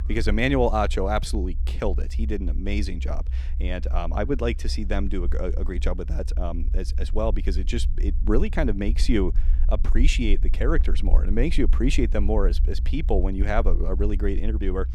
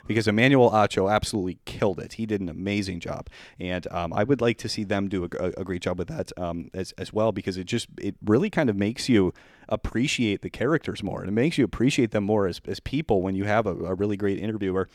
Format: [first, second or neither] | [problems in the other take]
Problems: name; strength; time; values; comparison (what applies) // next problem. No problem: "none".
second | low rumble; noticeable; throughout; 20 dB below the speech